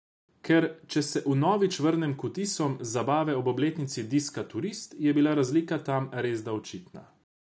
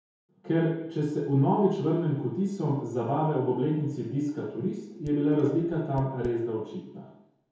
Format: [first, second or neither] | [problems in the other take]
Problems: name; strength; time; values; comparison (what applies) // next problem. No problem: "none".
first | background sound (Dishes, pots, and pans); 19 dB below the speech // room echo; dies away in 0.9 s